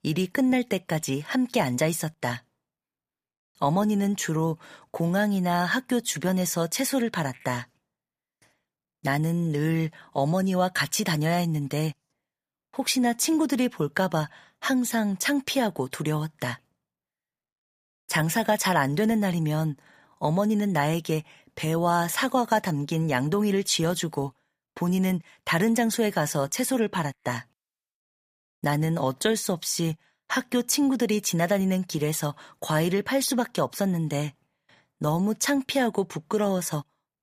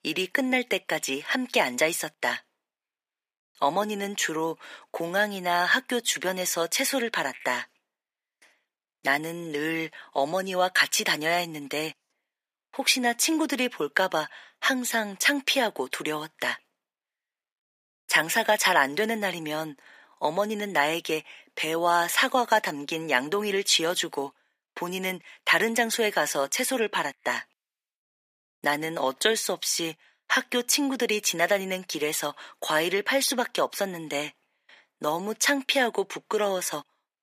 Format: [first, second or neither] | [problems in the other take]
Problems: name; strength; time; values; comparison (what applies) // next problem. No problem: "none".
first | thin; somewhat; fading below 300 Hz